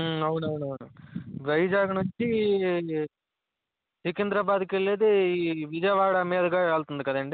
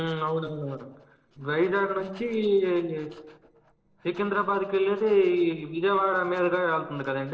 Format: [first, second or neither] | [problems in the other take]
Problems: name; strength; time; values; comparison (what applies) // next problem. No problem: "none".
first | noise reduction (neural separator model SepFormer DNS4)